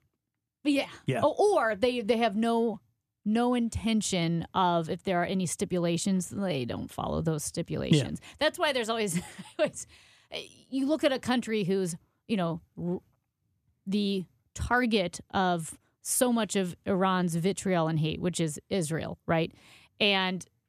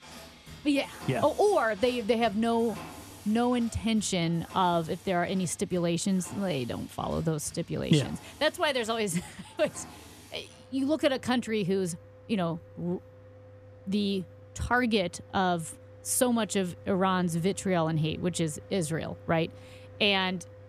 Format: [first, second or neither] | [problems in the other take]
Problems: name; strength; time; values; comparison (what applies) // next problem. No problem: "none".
first | machinery noise; noticeable; throughout; 20 dB below the speech